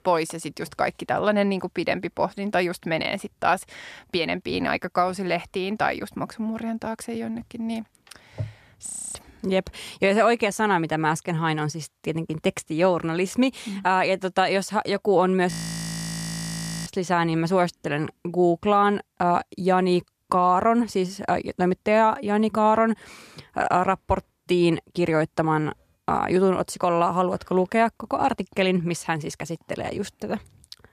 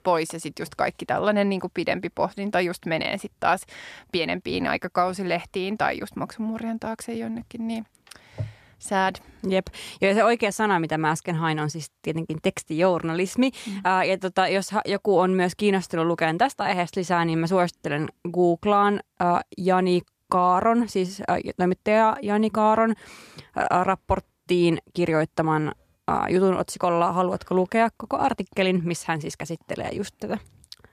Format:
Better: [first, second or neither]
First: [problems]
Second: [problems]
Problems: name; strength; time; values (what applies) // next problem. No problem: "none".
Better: second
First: audio freezing; at 9 s and at 16 s for 1.5 s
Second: none